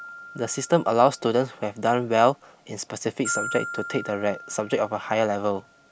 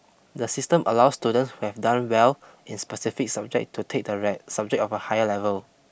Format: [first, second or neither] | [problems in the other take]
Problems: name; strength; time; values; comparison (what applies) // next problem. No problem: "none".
second | background sound (Glockenspiel); 13 dB below the speech